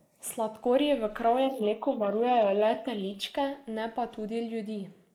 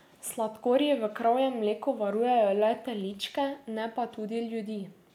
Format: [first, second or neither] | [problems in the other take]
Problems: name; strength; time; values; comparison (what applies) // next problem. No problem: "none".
second | noise reduction (neural mask model Resemble Enhance denoiser)